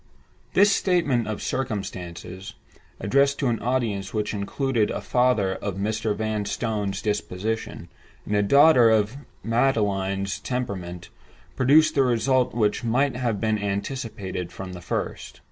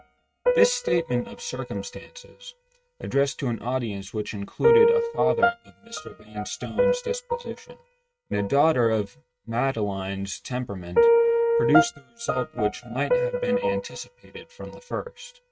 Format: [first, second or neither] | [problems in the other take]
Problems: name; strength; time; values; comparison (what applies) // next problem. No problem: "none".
first | noise reduction (neural mask model RNNoise)